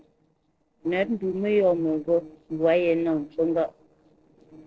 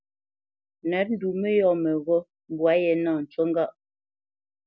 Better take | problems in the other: second | noise reduction (neural separator model SepFormer DNS4)

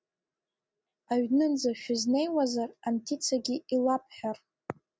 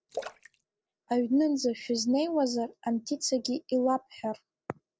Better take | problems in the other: first | noise reduction (neural separator model SepFormer DNS4)

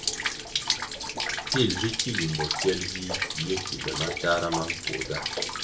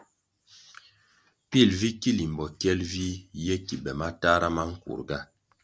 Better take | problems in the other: second | background sound (Rain); as loud as the speech // room echo; dies away in 0.2 s

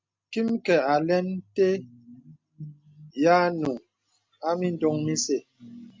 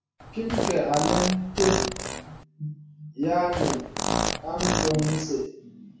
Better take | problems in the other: first | background sound (Fart); 1 dB below the speech // room echo; dies away in 0.6 s

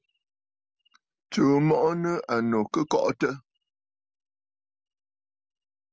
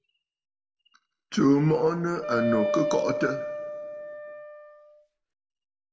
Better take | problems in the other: first | background sound (Wind instrument, woodwind instrument); 3 dB below the speech // room echo; dies away in 1.2 s

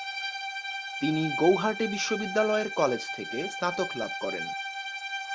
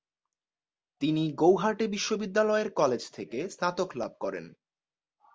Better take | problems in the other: second | background sound (Bowed string instrument); 5 dB below the speech

